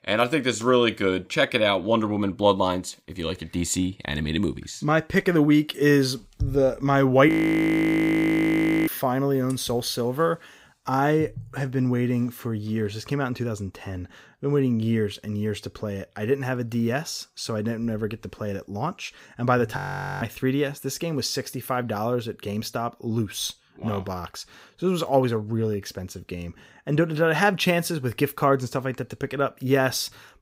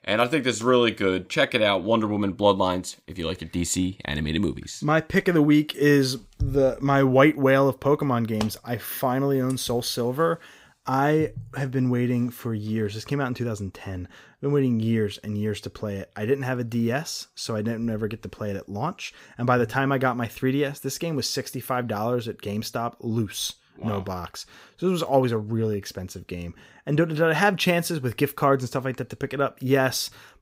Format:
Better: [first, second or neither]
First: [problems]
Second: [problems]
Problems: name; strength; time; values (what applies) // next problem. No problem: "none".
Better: second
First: audio freezing; at 7.5 s for 1.5 s and at 20 s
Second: none